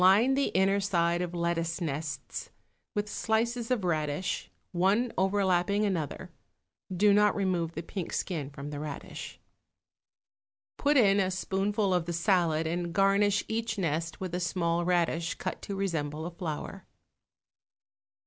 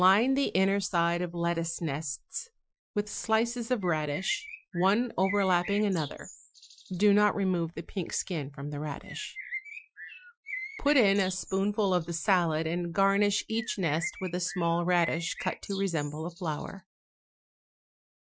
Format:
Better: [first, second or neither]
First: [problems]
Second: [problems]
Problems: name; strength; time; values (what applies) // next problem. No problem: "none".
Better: first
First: none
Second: noise reduction (classical method Wiener filter)